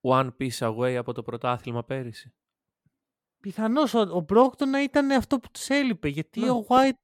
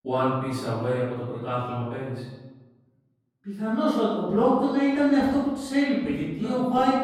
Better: first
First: none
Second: off-mic speech; far // room echo; strong; dies away in 1.1 s

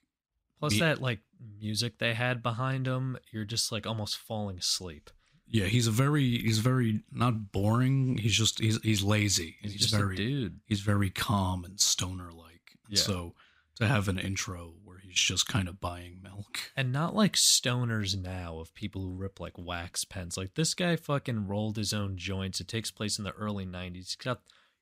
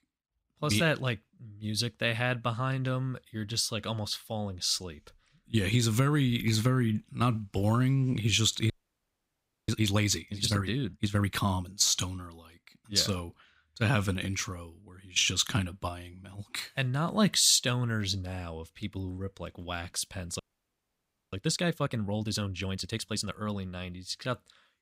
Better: first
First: none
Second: audio freezing; at 8.5 s for 1 s and at 20 s for 1 s

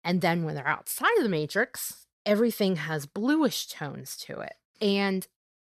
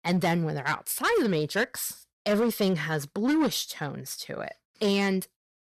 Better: first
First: none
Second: distortion; slight; 8% of the sound clipped

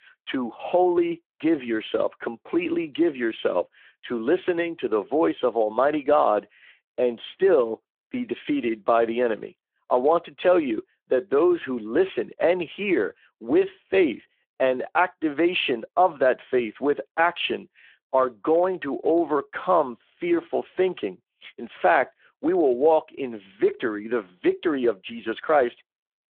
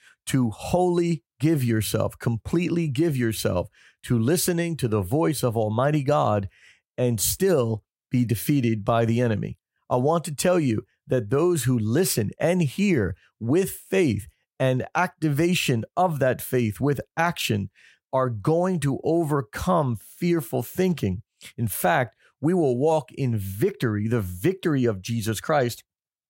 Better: second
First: phone-call audio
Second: none

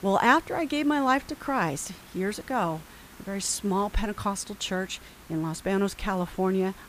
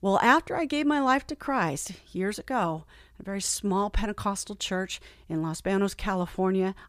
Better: second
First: hiss; faint; throughout; 20 dB below the speech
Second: none

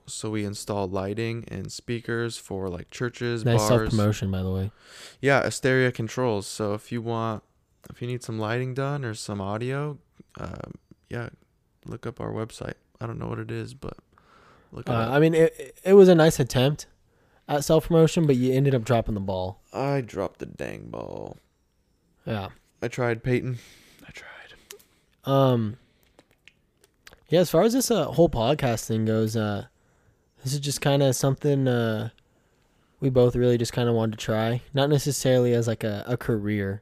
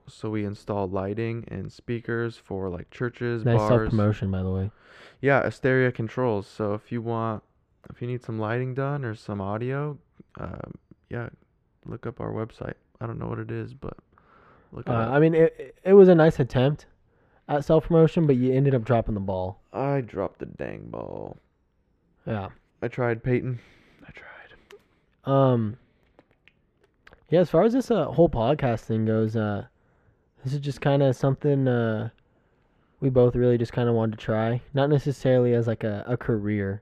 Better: first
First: none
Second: muffled; very; fading above 4 kHz

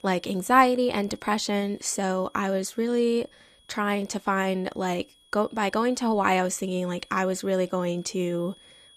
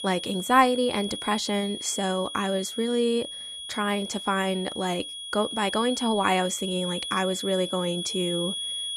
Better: first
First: high-pitched whine; faint; throughout; 3.5 kHz, 30 dB below the speech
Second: high-pitched whine; loud; throughout; 3.5 kHz, 6 dB below the speech

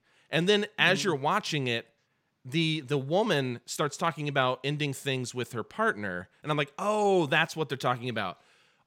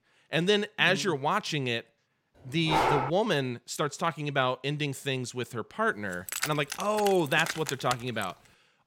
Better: first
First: none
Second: dog barking; loud; at 2.5 s; peak 3 dB above the speech // jangling keys; noticeable; from 6 to 8 s; peak 4 dB below the speech

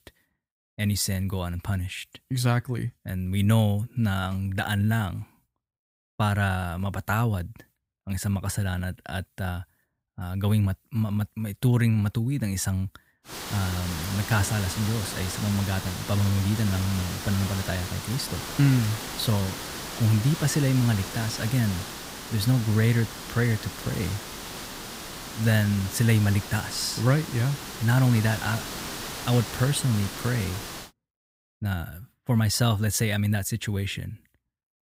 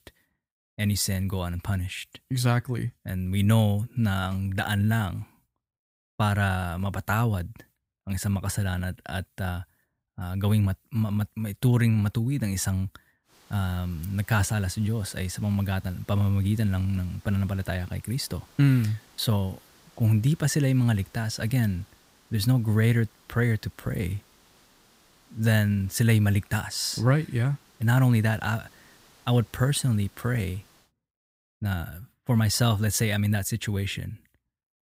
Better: second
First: hiss; loud; from 13 to 31 s; 8 dB below the speech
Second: hiss; faint; from 13 to 31 s; 30 dB below the speech

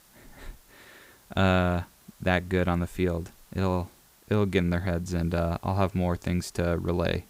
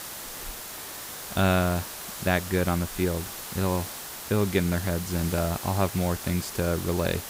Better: first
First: hiss; faint; throughout; 30 dB below the speech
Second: hiss; loud; throughout; 8 dB below the speech

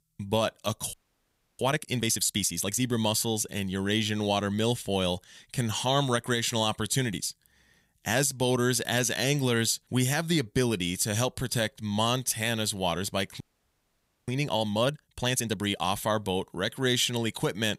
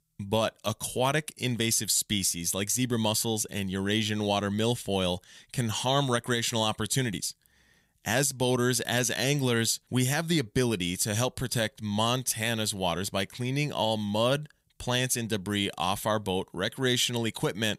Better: second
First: audio freezing; at 1 s for 0.5 s and at 13 s for 1 s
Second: none

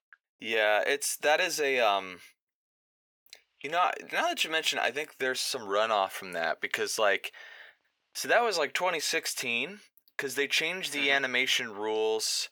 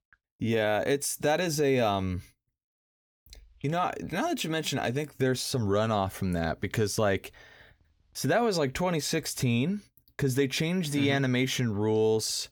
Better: second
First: thin; very; fading below 600 Hz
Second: none

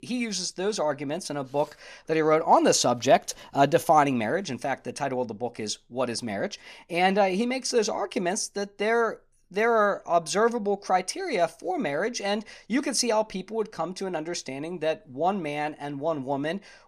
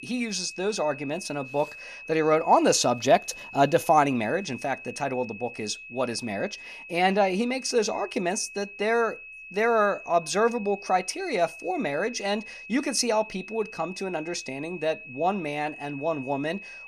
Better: first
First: none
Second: high-pitched whine; noticeable; throughout; 2.5 kHz, 15 dB below the speech

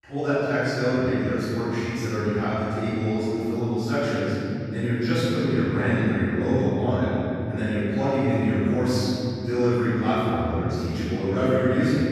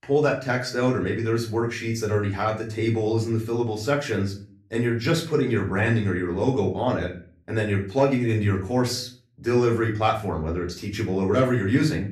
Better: second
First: room echo; strong; dies away in 3 s // off-mic speech; far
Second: room echo; slight; dies away in 0.4 s // off-mic speech; far

